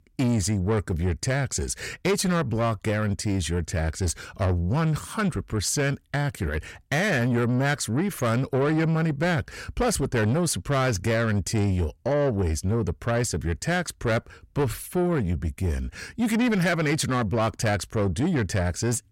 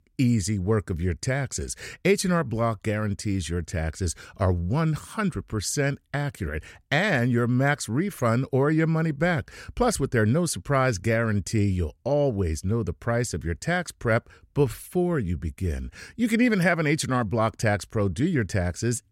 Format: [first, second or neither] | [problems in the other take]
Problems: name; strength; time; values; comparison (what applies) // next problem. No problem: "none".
second | distortion; slight; 10 dB below the speech